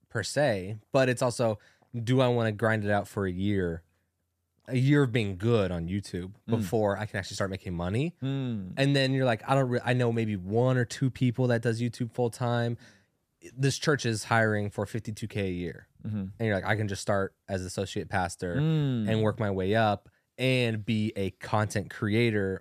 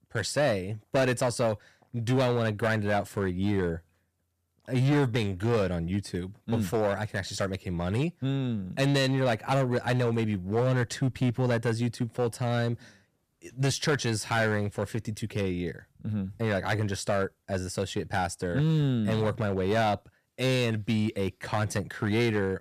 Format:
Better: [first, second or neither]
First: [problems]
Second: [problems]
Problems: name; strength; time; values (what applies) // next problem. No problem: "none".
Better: first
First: none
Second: distortion; slight; 6% of the sound clipped